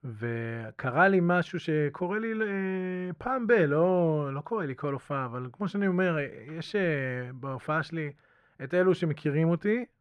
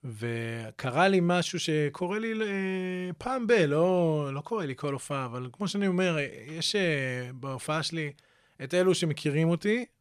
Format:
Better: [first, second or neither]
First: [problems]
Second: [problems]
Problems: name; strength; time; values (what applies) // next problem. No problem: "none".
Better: second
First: muffled; very; fading above 3 kHz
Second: none